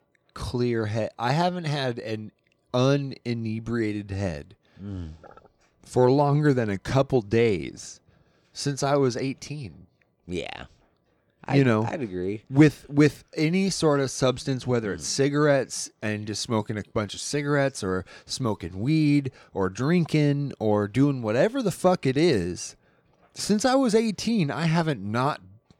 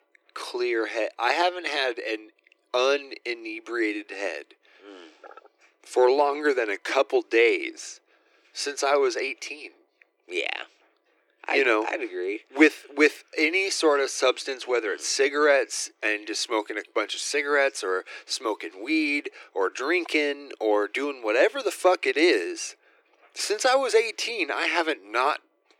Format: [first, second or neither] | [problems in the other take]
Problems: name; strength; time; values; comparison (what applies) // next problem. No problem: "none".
first | thin; very; fading below 300 Hz